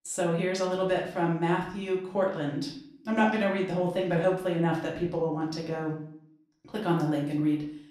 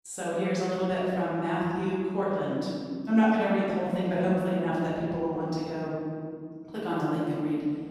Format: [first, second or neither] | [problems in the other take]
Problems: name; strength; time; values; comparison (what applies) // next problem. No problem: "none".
first | room echo; strong; dies away in 2.5 s; slight in the first // off-mic speech; far; far in the first